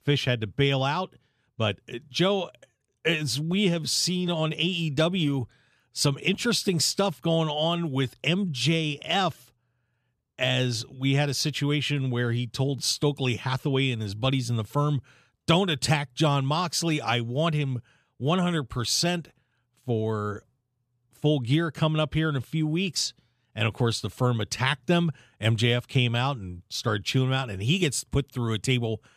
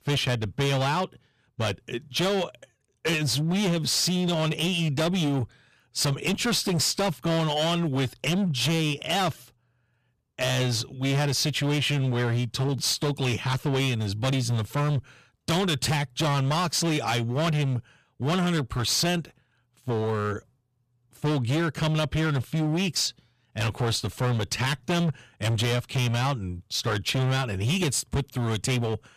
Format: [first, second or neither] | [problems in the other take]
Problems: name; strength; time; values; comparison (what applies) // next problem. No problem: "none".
first | distortion; heavy; 22% of the sound clipped